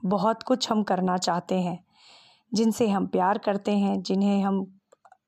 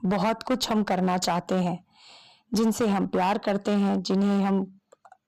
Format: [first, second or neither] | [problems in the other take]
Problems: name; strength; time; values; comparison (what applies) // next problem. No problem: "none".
first | distortion; slight; 17% of the sound clipped